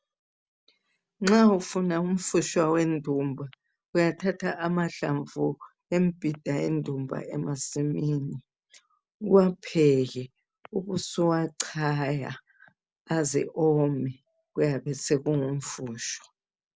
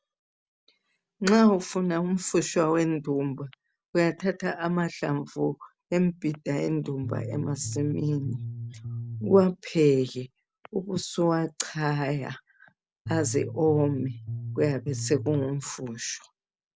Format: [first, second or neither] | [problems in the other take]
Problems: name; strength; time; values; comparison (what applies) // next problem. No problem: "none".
first | background sound (Bass guitar); 8 dB below the speech